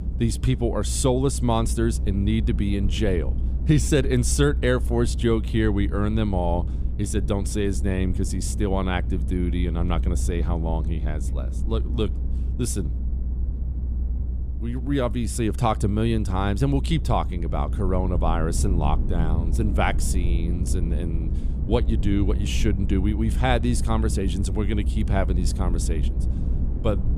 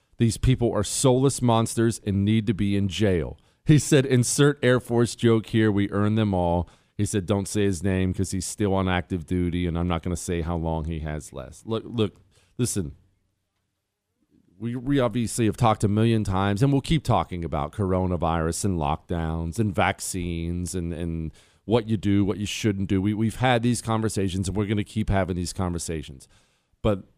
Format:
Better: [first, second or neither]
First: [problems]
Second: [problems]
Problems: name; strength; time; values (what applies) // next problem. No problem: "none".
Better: second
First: low rumble; noticeable; throughout; 15 dB below the speech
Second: none